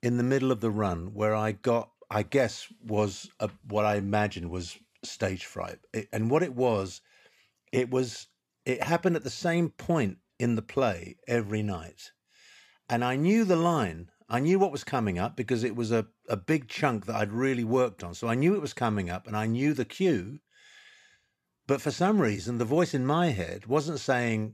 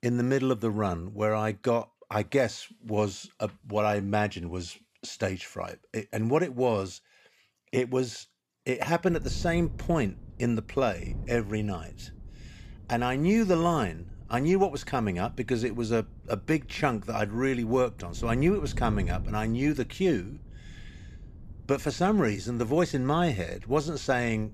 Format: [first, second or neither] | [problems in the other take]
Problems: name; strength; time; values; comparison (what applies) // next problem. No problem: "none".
first | wind noise on the microphone; occasional gusts; from 9 s on; 25 dB below the speech